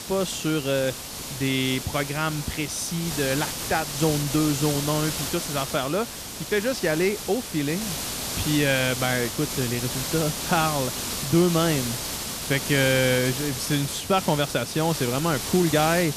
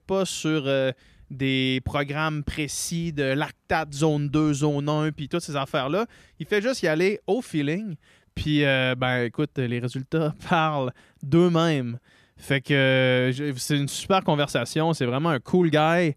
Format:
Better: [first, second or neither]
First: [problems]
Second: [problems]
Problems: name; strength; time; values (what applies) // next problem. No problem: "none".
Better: second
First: hiss; loud; throughout; 5 dB below the speech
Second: none